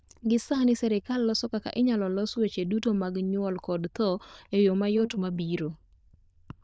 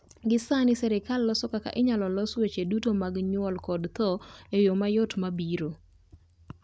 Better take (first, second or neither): second